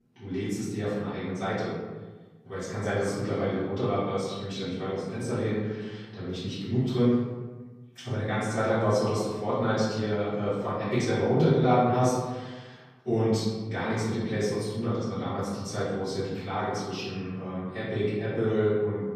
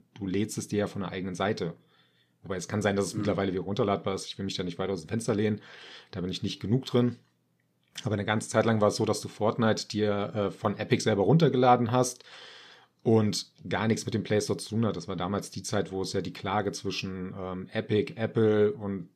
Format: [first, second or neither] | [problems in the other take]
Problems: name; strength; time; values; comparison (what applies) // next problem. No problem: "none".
second | off-mic speech; far // room echo; strong; dies away in 1.3 s